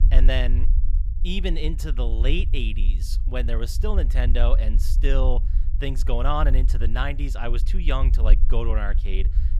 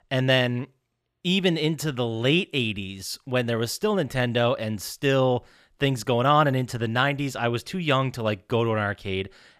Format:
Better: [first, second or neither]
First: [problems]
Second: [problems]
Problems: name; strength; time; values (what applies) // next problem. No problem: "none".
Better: second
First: low rumble; noticeable; throughout; 15 dB below the speech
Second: none